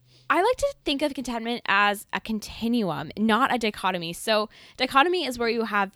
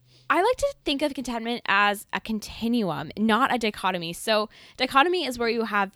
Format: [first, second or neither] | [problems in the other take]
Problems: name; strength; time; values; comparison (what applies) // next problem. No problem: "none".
neither | none